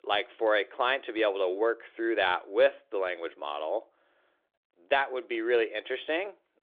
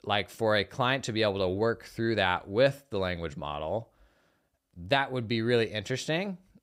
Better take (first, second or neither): second